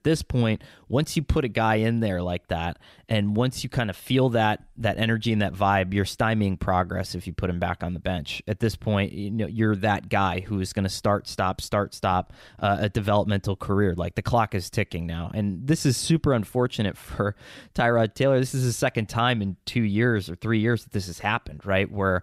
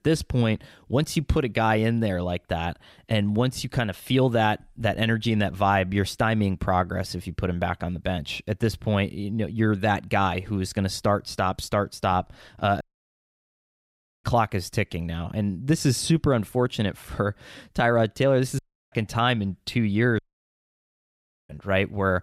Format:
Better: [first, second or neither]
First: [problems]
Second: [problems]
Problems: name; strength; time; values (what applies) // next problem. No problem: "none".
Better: first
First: none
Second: audio cutting out; at 13 s for 1.5 s, at 19 s and at 20 s for 1.5 s